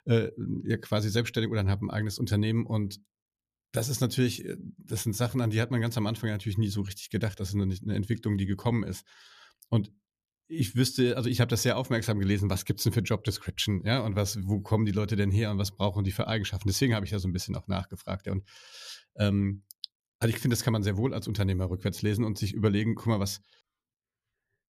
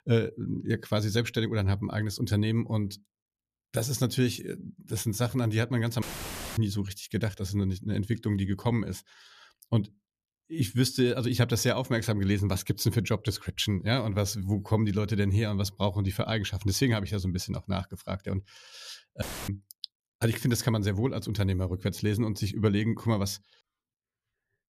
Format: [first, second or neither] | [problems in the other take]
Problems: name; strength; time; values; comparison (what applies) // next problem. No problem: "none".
first | audio cutting out; filled with static; at 6 s for 0.5 s and at 19 s